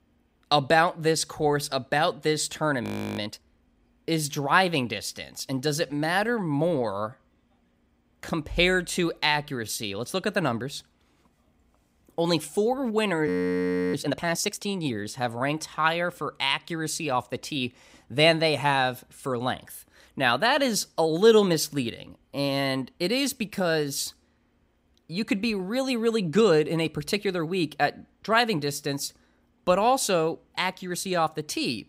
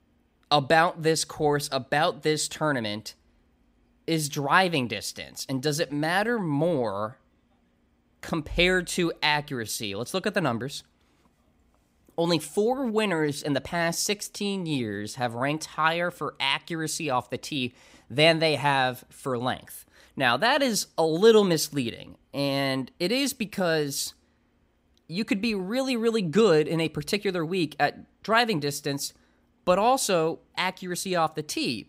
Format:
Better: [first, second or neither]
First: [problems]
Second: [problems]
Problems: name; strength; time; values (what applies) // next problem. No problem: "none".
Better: second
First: audio freezing; at 3 s and at 13 s for 0.5 s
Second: none